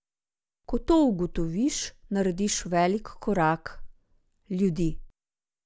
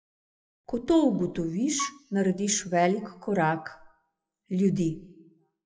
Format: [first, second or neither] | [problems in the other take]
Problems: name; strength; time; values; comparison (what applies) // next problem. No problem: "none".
first | noise reduction (classical method WPE with log-MMSE)